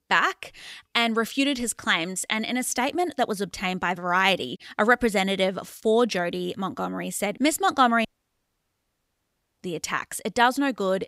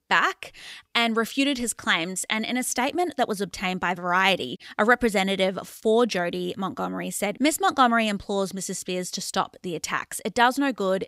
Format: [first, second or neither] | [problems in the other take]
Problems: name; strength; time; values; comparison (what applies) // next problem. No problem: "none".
second | audio cutting out; at 8 s for 1.5 s